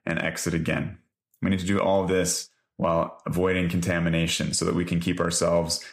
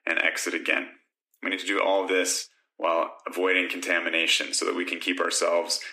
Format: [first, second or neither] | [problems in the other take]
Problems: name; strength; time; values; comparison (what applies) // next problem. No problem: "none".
first | thin; somewhat; fading below 250 Hz